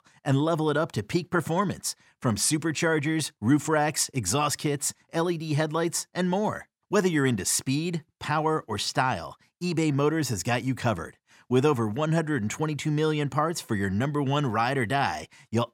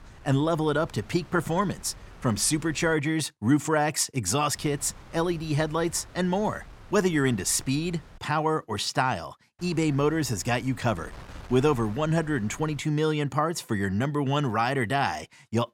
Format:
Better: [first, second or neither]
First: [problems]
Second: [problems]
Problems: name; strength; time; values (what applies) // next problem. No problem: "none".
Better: first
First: none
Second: wind noise on the microphone; occasional gusts; until 3 s, from 4.5 to 8 s and from 9.5 to 13 s; 25 dB below the speech